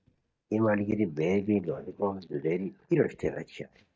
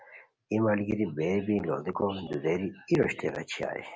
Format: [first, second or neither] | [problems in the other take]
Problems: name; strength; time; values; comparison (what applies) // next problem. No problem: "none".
second | noise reduction (neural mask model DeepFilterNet 3)